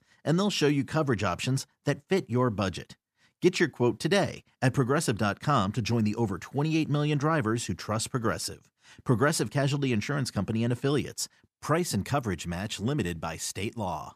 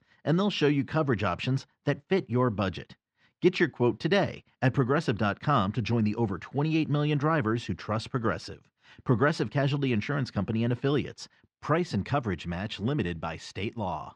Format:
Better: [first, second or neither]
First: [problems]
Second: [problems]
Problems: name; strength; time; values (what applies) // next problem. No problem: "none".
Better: first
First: none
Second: muffled; slightly; fading above 4 kHz